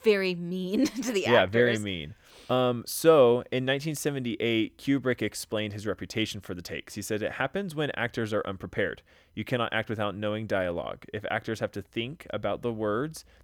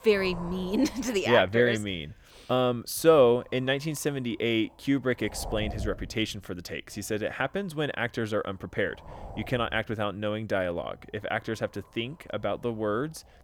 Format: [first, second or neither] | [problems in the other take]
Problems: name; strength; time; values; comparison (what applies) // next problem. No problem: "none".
first | wind noise on the microphone; occasional gusts; 20 dB below the speech